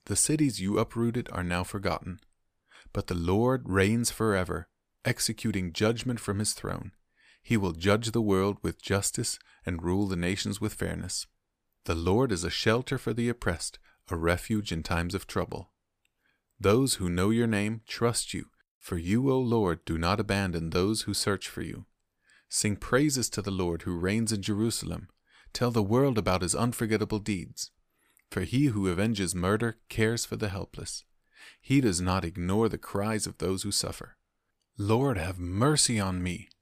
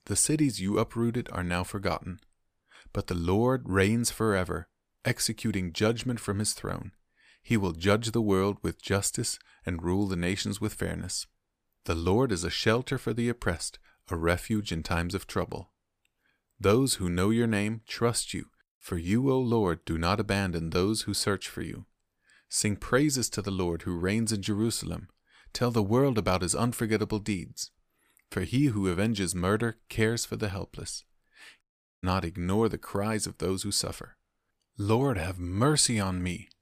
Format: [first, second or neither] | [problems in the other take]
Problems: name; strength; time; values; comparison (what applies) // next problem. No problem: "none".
first | audio cutting out; at 32 s